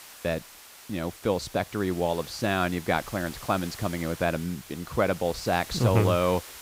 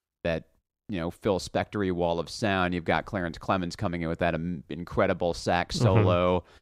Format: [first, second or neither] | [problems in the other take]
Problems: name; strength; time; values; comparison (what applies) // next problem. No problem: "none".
second | hiss; noticeable; throughout; 15 dB below the speech